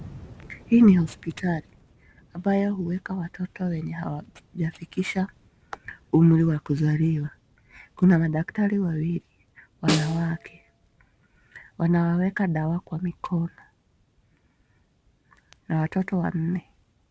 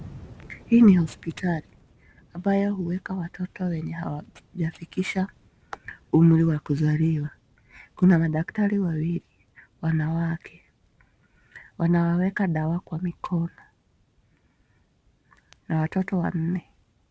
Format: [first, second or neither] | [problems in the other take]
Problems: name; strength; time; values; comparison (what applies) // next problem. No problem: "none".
second | background sound (Snare drum); 7 dB below the speech